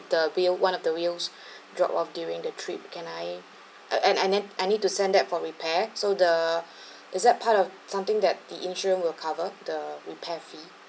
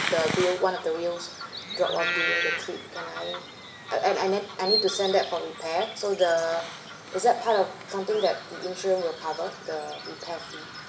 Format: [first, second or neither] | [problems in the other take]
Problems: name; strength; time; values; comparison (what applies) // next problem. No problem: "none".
first | background sound (Bird vocalization, bird call, bird song); 6 dB below the speech // room echo; dies away in 0.8 s